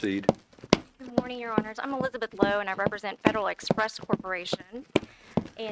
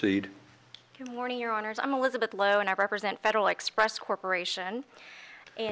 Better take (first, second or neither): second